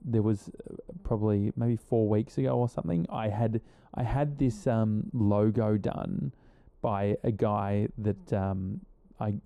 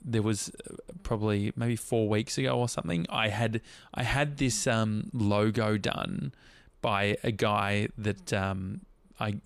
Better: second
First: muffled; very; fading above 1 kHz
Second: none

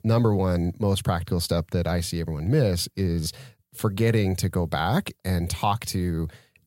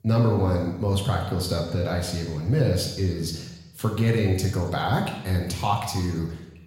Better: first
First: none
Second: room echo; noticeable; dies away in 0.9 s // off-mic speech; somewhat distant

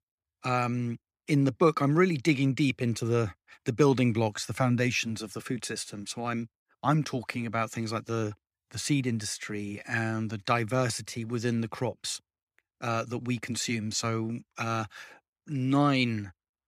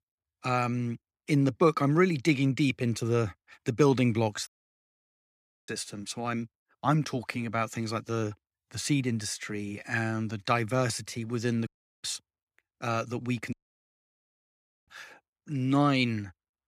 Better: first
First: none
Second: audio cutting out; at 4.5 s for 1 s, at 12 s and at 14 s for 1.5 s

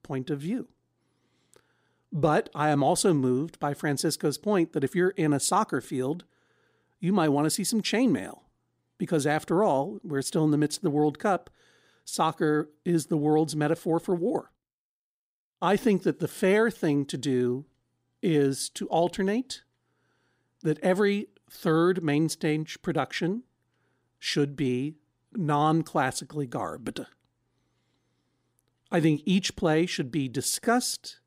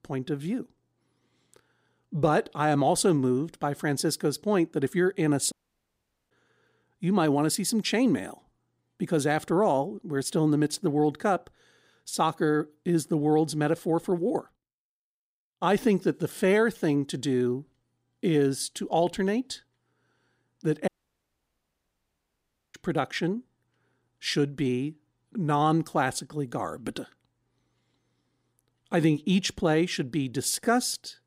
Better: first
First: none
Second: audio cutting out; at 5.5 s for 1 s and at 21 s for 2 s

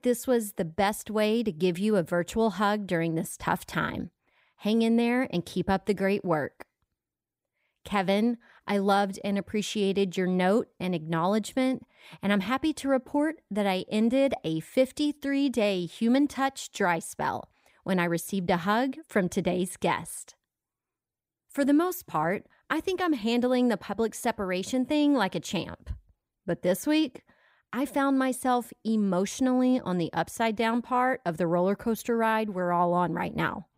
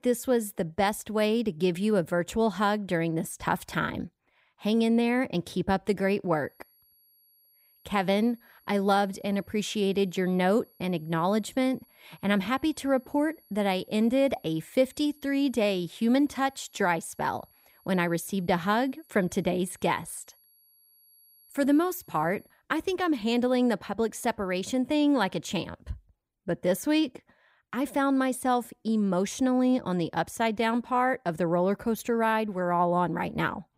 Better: first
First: none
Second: high-pitched whine; faint; from 6.5 to 23 s; 11.5 kHz, 30 dB below the speech

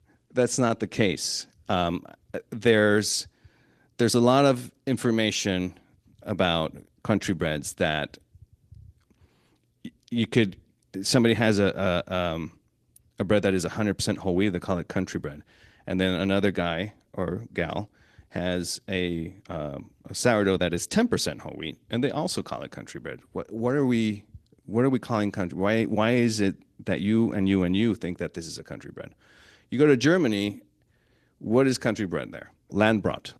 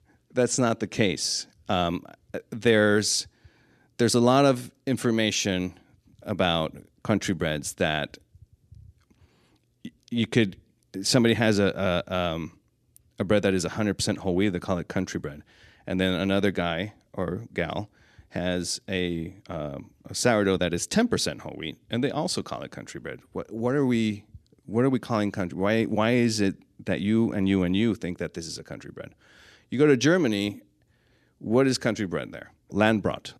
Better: second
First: garbled, watery; slightly; nothing above 12 kHz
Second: none

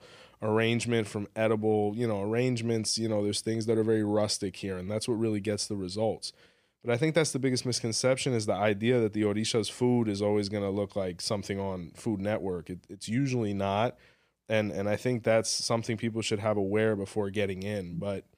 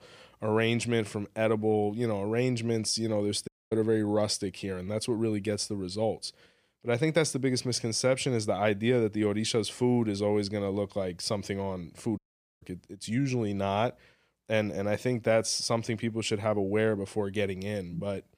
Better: first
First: none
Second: audio cutting out; at 3.5 s and at 12 s

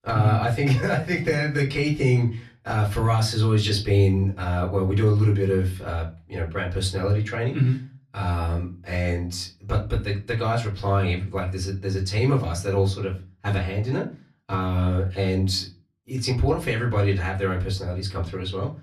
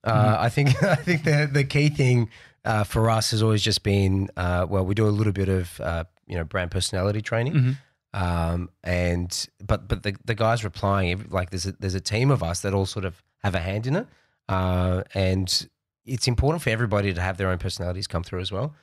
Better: second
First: off-mic speech; far // room echo; very slight; dies away in 0.3 s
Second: none

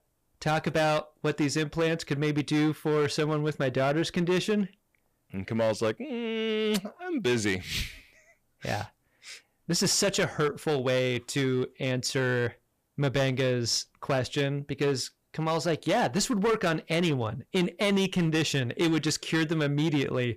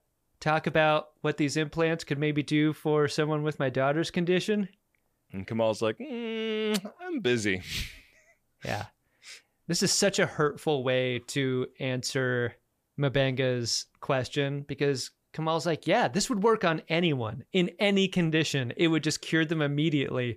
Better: second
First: distortion; slight; 9% of the sound clipped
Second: none

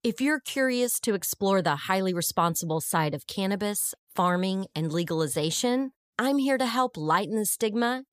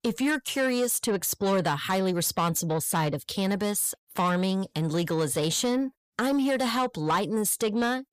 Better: first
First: none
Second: distortion; slight; 10 dB below the speech

